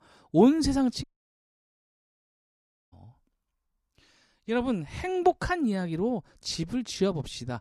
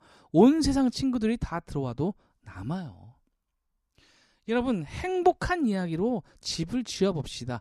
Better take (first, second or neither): second